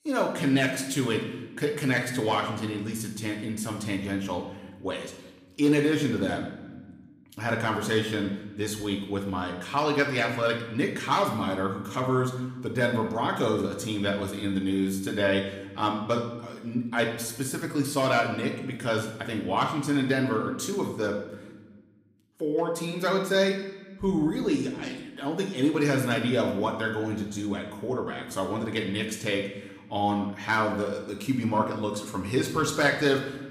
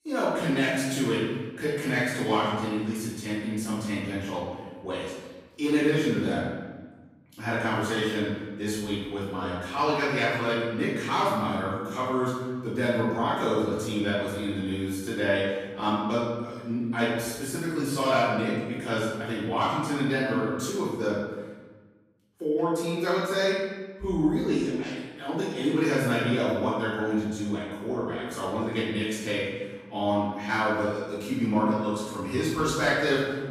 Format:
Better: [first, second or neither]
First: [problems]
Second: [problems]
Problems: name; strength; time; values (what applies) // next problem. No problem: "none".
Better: first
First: room echo; slight; dies away in 0.9 s // off-mic speech; somewhat distant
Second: room echo; strong; dies away in 1.2 s // off-mic speech; far